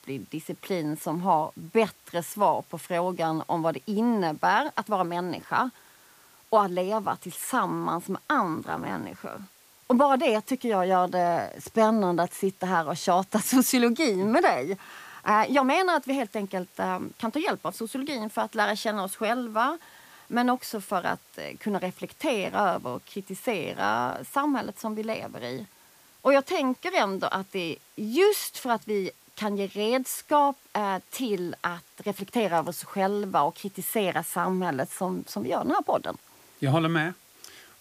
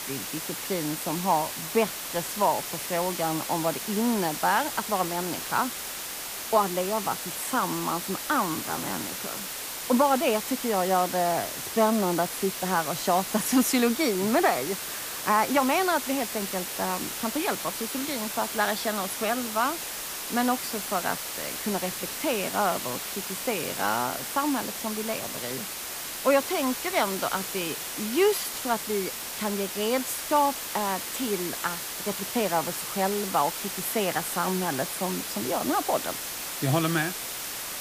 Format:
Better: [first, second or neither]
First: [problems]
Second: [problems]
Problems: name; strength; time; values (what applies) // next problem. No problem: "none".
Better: first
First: hiss; faint; throughout; 25 dB below the speech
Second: hiss; loud; throughout; 4 dB below the speech